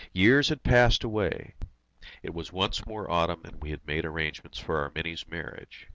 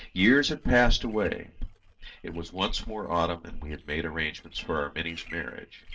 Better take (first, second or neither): first